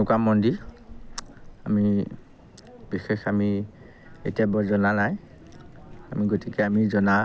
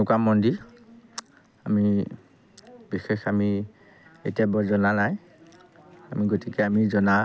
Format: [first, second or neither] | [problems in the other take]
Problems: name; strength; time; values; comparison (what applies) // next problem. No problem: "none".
second | background sound (Thunder); 20 dB below the speech